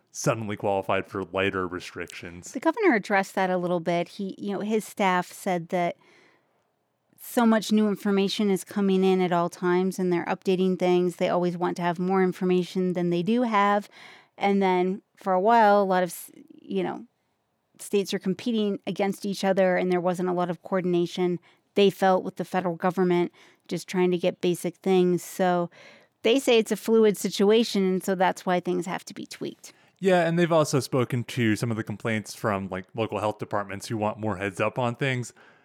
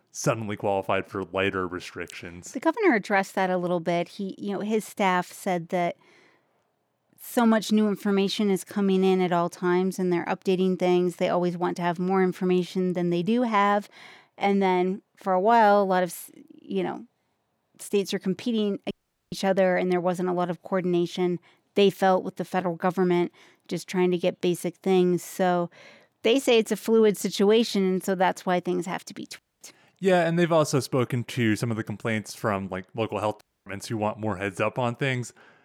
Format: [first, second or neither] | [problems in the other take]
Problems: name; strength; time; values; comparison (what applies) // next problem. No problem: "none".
first | audio cutting out; at 19 s, at 29 s and at 33 s